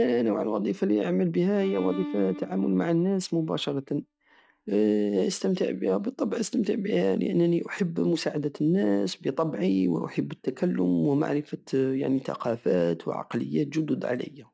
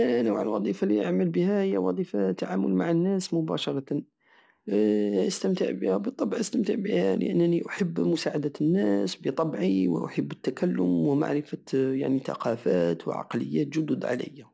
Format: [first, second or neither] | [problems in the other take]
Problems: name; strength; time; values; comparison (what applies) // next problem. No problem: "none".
second | noise reduction (neural mask model RNNoise)